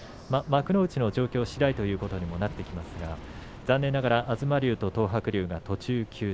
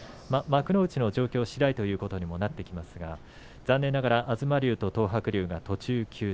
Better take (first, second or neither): second